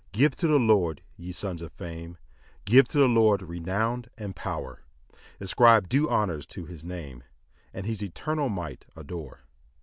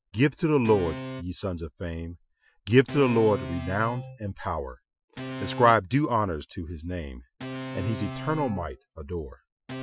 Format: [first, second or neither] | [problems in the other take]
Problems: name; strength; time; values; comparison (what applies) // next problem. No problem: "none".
first | noise reduction (classical method Wiener filter)